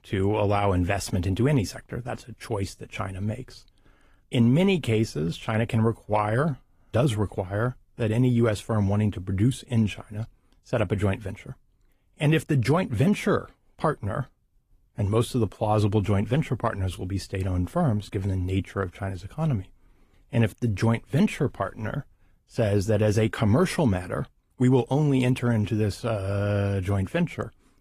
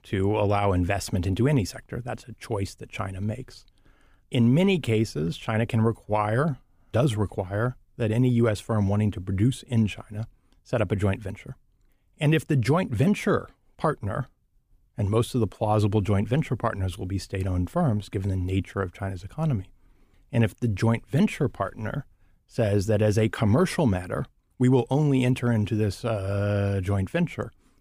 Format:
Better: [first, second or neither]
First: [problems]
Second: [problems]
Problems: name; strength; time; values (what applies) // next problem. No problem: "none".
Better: second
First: garbled, watery; slightly; nothing above 14.5 kHz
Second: none